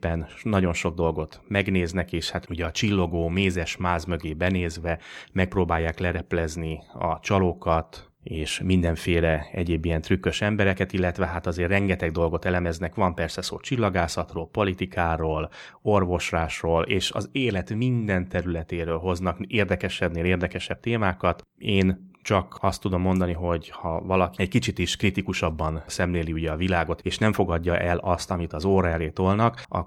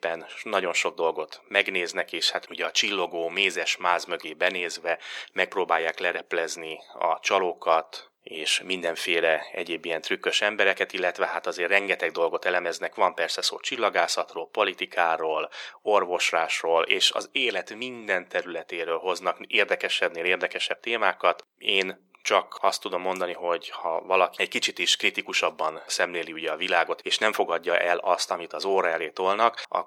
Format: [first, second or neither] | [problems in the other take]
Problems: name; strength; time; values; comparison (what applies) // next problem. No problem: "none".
first | thin; very; fading below 450 Hz